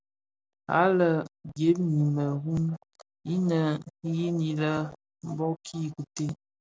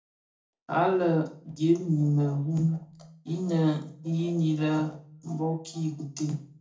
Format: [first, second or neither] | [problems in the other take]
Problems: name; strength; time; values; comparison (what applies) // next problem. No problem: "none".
first | room echo; dies away in 0.4 s